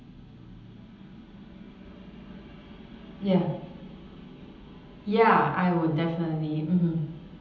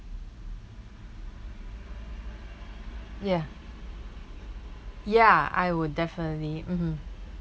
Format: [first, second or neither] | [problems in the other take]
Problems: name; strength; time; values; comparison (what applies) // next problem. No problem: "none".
second | room echo; dies away in 0.9 s